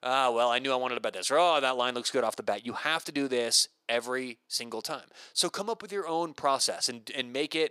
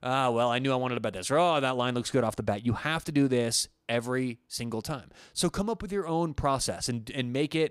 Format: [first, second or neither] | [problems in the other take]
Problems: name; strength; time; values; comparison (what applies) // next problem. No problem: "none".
second | thin; somewhat; fading below 450 Hz